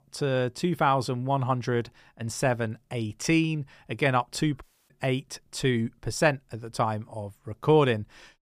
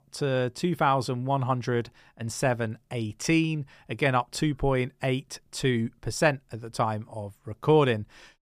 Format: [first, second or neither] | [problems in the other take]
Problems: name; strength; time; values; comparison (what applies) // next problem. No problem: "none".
second | audio cutting out; at 4.5 s